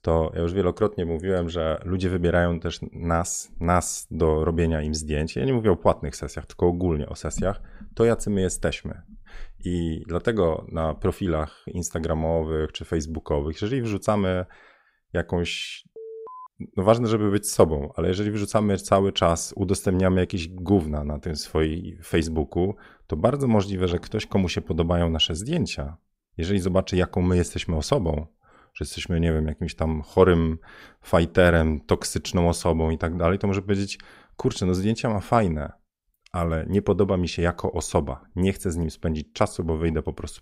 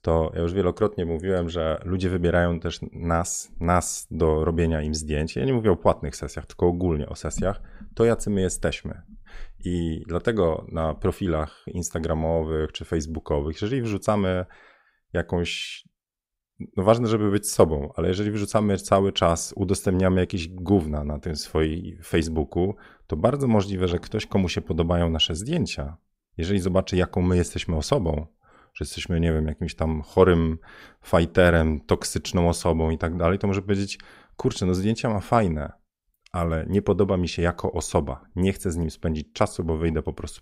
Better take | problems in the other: second | alarm; faint; at 16 s; peak 15 dB below the speech

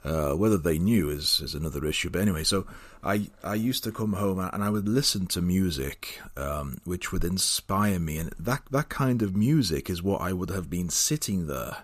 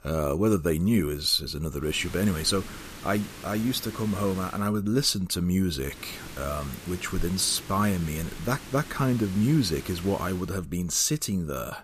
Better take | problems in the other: first | hiss; noticeable; from 2 to 4.5 s and from 6 to 10 s; 15 dB below the speech

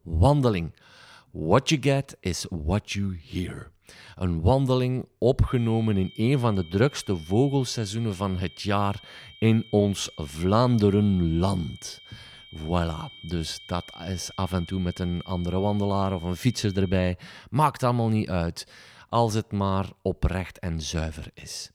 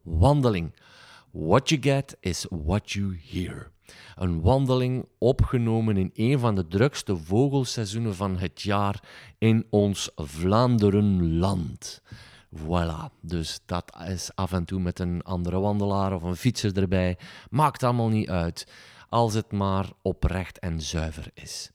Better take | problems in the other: second | high-pitched whine; noticeable; from 5.5 to 17 s; 3 kHz, 20 dB below the speech

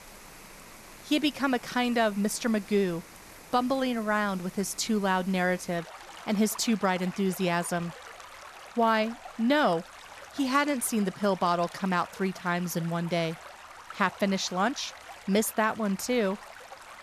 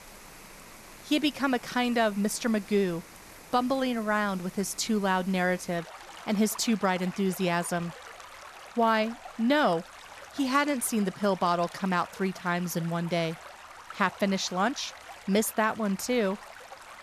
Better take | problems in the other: neither | rain or running water; noticeable; throughout; 15 dB below the speech; the same in both

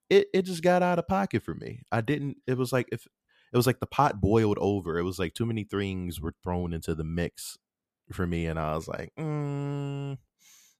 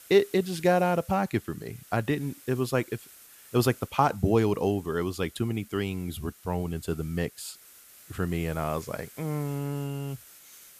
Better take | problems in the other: first | hiss; faint; throughout; 20 dB below the speech

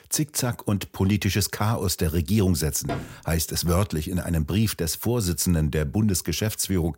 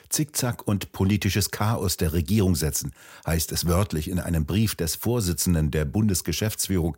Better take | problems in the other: second | door banging; noticeable; at 3 s; peak 8 dB below the speech

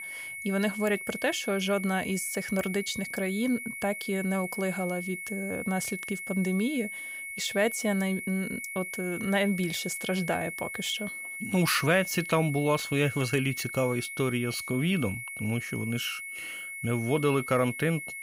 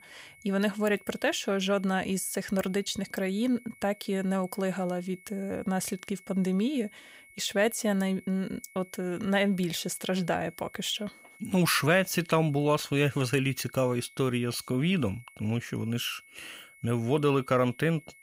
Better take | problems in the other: second | high-pitched whine; loud; throughout; 2 kHz, 7 dB below the speech; faint in the second

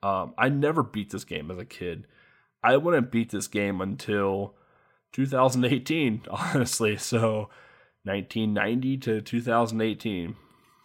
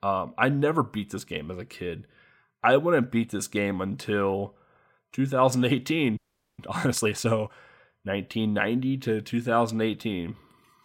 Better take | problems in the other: first | audio freezing; at 6 s

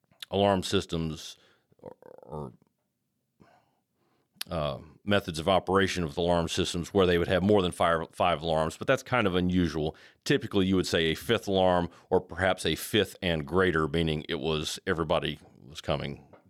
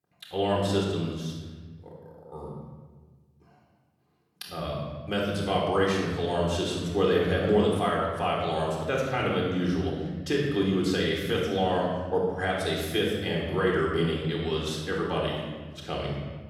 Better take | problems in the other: first | off-mic speech; far // room echo; noticeable; dies away in 1.3 s

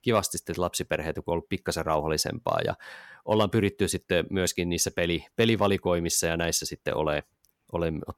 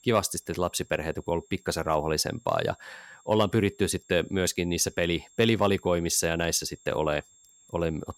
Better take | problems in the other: first | high-pitched whine; faint; throughout; 7.5 kHz, 30 dB below the speech

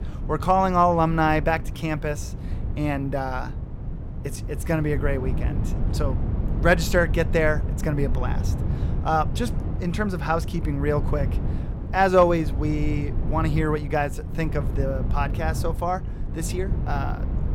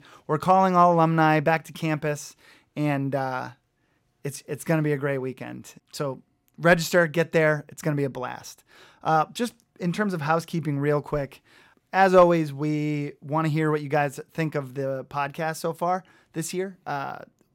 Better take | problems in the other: second | wind noise on the microphone; occasional gusts; 15 dB below the speech

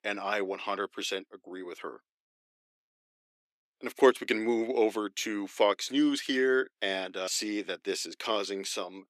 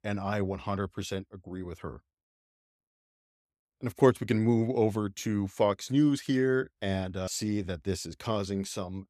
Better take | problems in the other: second | thin; somewhat; fading below 300 Hz

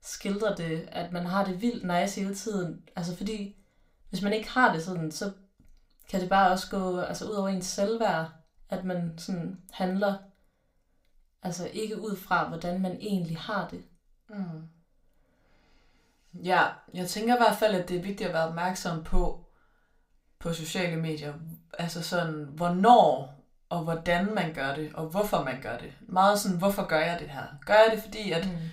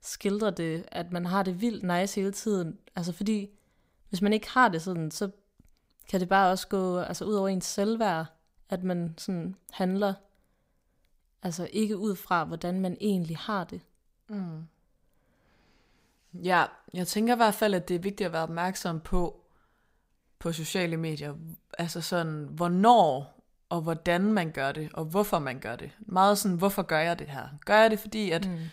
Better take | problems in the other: second | room echo; very slight; dies away in 0.3 s

